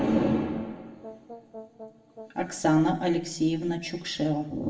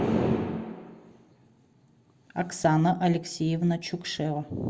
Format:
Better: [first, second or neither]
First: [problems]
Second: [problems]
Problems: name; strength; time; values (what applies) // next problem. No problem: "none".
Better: second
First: background sound (Brass instrument); 18 dB below the speech // room echo; dies away in 0.6 s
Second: none